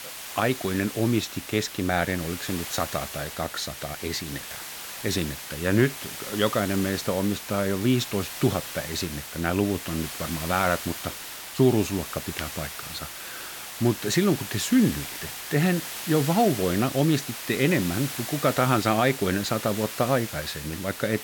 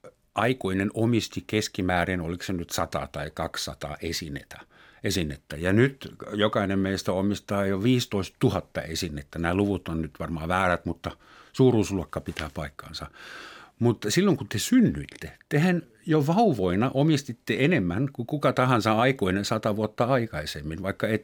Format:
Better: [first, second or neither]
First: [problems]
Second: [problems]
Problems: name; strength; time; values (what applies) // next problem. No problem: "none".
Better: second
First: hiss; loud; throughout; 8 dB below the speech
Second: none